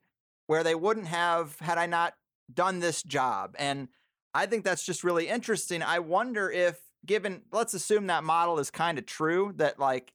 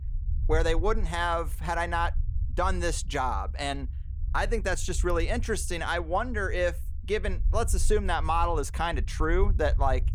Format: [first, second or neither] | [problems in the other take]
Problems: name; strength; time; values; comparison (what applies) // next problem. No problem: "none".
first | low rumble; faint; throughout; 25 dB below the speech